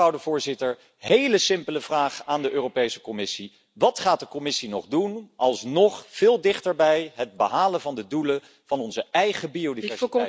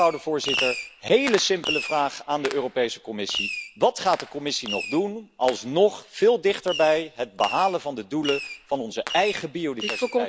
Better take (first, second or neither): first